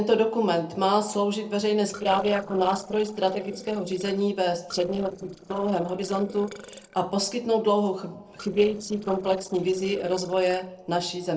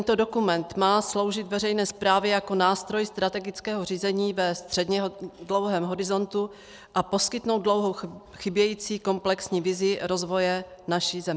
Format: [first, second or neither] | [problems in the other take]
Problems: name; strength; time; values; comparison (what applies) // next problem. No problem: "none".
second | noise reduction (neural separator model SepFormer DNS4)